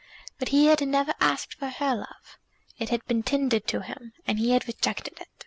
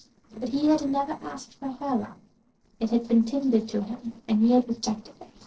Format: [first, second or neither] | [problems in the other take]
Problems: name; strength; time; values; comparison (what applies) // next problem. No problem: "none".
first | noise reduction (neural separator model SepFormer DNS4)